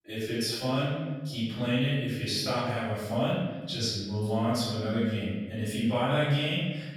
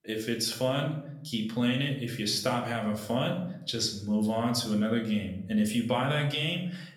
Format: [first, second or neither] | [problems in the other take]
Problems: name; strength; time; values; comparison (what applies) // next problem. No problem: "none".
second | room echo; strong; dies away in 1.3 s; slight in the second // off-mic speech; far; somewhat distant in the second